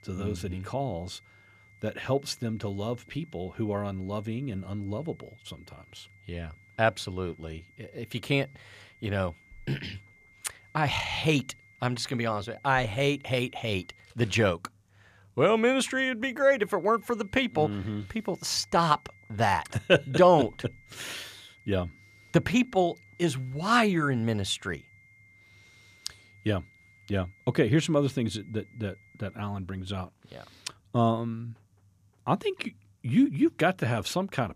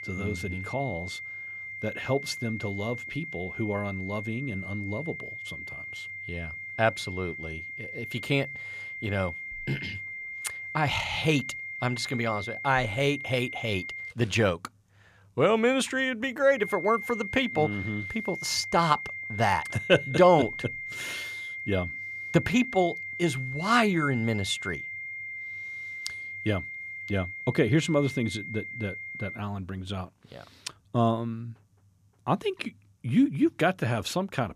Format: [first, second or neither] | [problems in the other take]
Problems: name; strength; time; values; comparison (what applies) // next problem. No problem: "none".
first | high-pitched whine; loud; until 14 s and from 17 to 29 s; 2 kHz, 8 dB below the speech; faint in the first